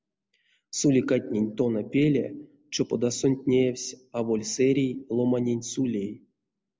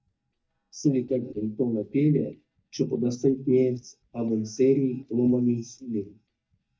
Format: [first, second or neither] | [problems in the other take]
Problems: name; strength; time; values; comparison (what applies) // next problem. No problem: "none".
first | noise reduction (neural mask model DeepFilterNet 3)